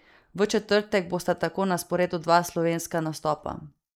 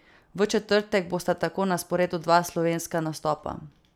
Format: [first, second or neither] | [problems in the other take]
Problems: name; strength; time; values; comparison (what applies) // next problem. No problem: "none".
second | noise reduction (neural mask model Resemble Enhance denoiser)